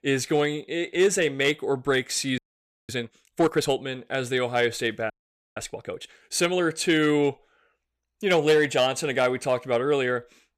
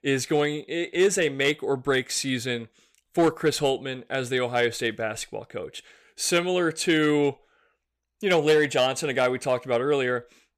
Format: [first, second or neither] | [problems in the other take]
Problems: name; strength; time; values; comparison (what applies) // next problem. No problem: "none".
second | audio freezing; at 2.5 s for 0.5 s and at 5 s